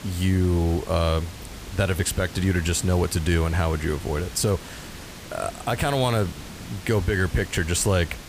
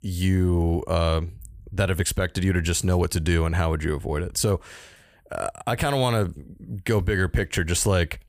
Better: second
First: hiss; noticeable; throughout; 15 dB below the speech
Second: none

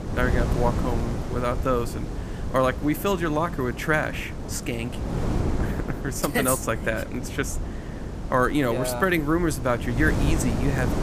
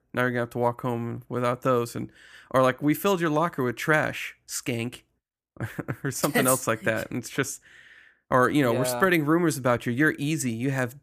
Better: second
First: wind noise on the microphone; occasional gusts; 10 dB below the speech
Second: none

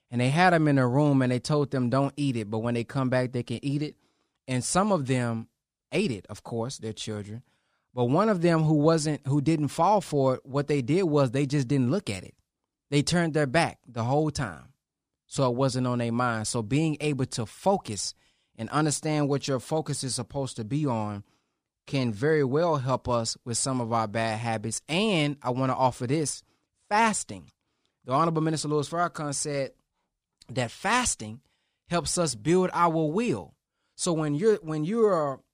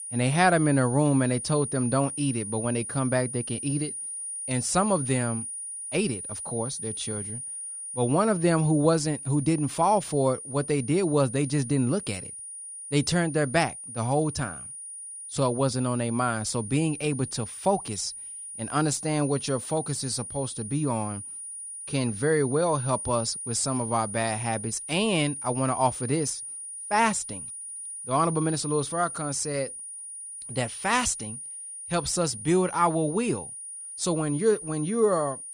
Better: first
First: none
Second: high-pitched whine; loud; throughout; 9.5 kHz, 8 dB below the speech

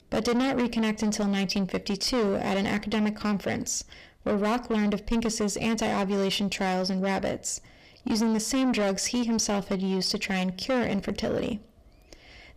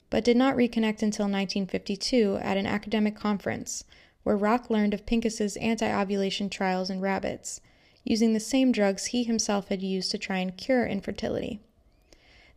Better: second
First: distortion; heavy; 7 dB below the speech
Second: none

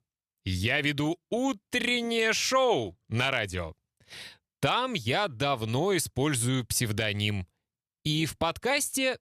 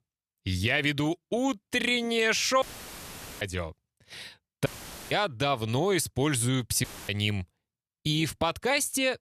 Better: first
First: none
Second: audio cutting out; filled with static; at 2.5 s for 1 s, at 4.5 s and at 7 s

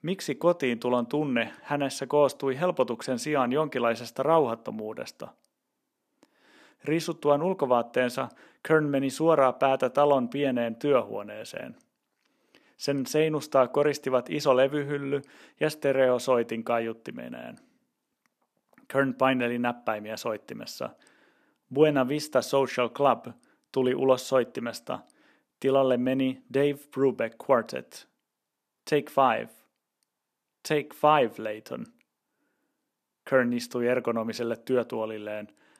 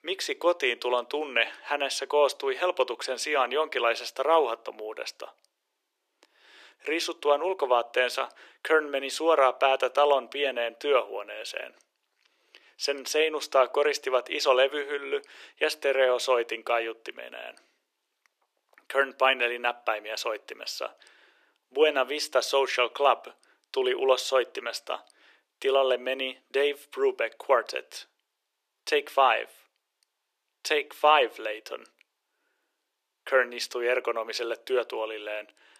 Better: first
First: none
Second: thin; very; fading below 350 Hz

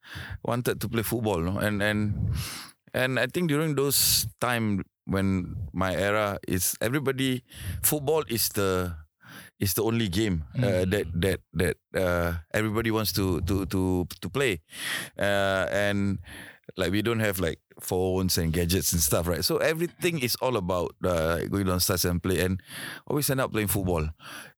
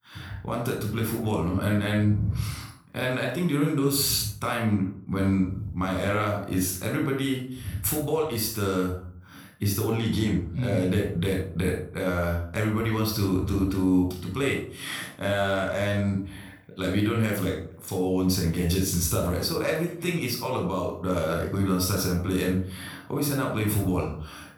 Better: first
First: none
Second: off-mic speech; somewhat distant // room echo; noticeable; dies away in 0.5 s

